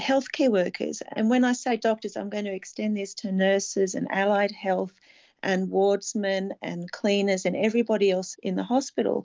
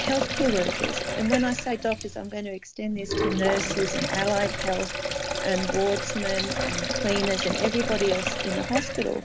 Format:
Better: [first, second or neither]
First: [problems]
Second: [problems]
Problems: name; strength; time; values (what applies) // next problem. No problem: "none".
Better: first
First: none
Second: background sound (Sink (filling or washing)); 1 dB below the speech